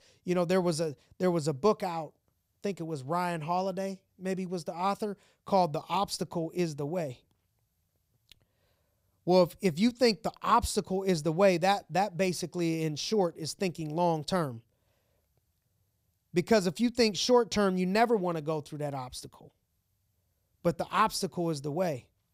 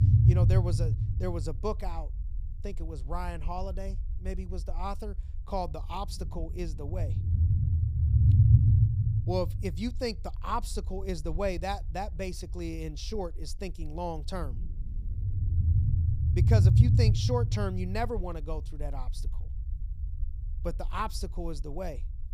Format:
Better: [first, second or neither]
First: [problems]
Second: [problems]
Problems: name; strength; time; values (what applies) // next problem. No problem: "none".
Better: first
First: none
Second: low rumble; loud; throughout; 3 dB below the speech